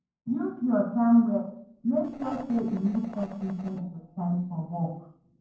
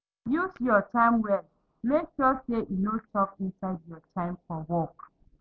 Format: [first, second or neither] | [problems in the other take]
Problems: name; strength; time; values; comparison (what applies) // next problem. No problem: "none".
second | noise reduction (neural separator model SepFormer DNS4)